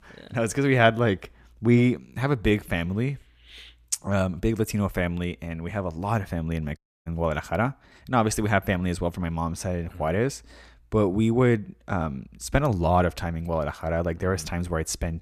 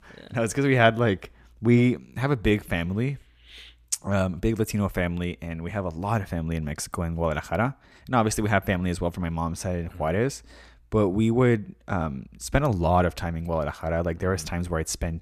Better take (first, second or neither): second